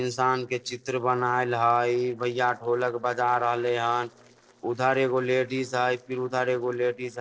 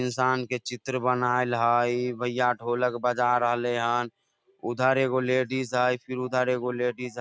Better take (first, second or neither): second